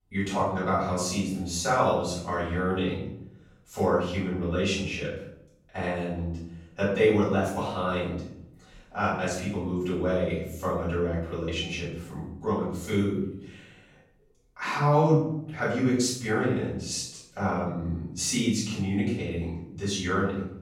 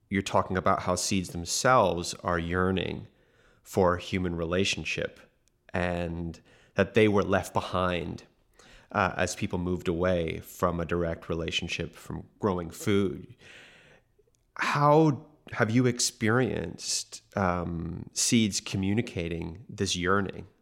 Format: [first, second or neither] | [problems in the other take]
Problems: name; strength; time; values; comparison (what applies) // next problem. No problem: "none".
second | off-mic speech; far // room echo; noticeable; dies away in 0.7 s